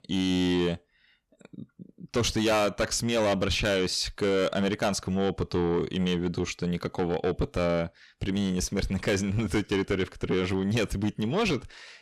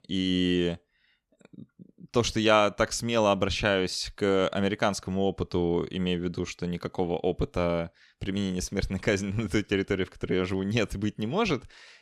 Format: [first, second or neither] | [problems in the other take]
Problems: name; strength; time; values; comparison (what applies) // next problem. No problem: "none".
second | distortion; heavy; 8 dB below the speech